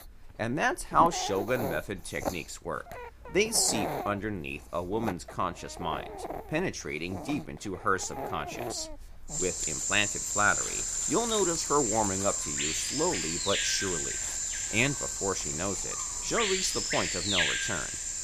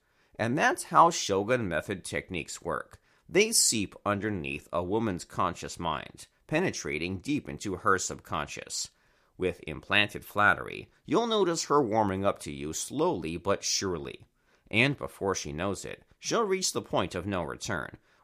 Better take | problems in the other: second | animal sounds; very loud; throughout; as loud as the speech

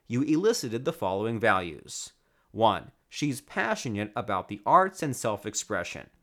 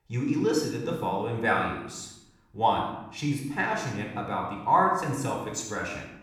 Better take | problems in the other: first | off-mic speech; somewhat distant // room echo; noticeable; dies away in 0.8 s

